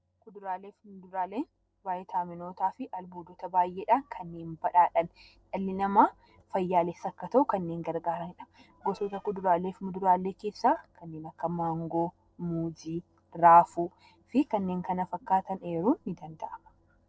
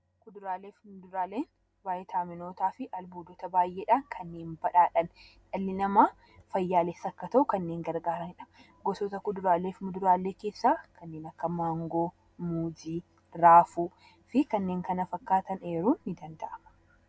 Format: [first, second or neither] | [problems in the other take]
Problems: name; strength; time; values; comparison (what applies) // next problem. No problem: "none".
second | noise reduction (neural separator model SepFormer DNS4)